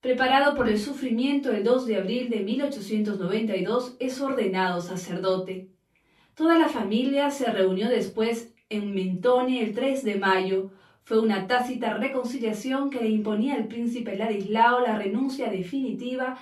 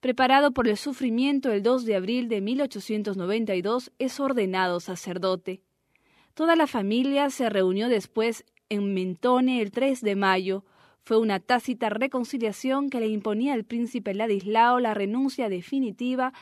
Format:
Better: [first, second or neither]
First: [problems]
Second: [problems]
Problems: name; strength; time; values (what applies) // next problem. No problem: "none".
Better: second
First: off-mic speech; far // room echo; very slight; dies away in 0.3 s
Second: none